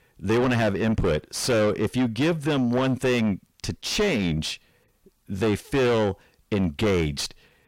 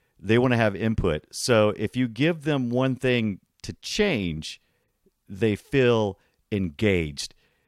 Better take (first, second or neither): second